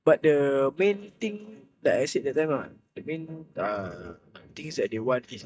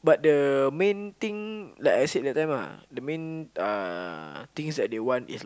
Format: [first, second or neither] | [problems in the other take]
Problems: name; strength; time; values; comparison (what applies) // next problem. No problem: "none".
second | noise reduction (neural mask model DeepFilterNet 3)